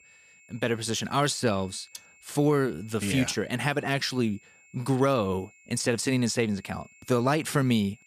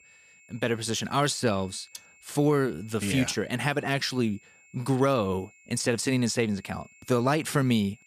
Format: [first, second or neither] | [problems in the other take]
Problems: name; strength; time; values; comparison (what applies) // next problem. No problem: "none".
neither | high-pitched whine; faint; throughout; 2.5 kHz, 30 dB below the speech; the same in both